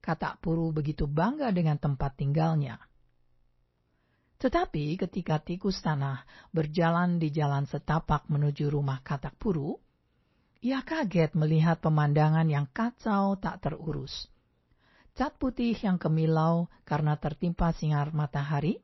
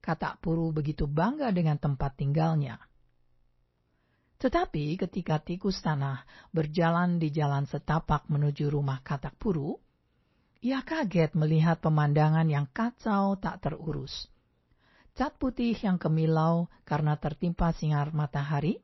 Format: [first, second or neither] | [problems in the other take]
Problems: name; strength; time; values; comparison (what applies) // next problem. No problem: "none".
neither | garbled, watery; slightly; nothing above 5.5 kHz; the same in both